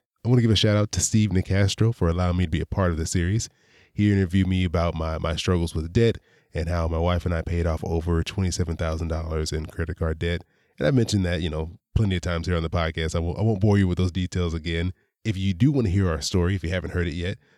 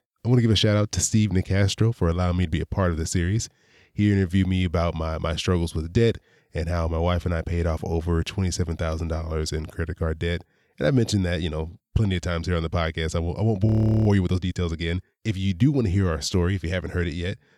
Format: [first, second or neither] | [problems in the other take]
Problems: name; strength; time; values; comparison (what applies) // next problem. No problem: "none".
first | audio freezing; at 14 s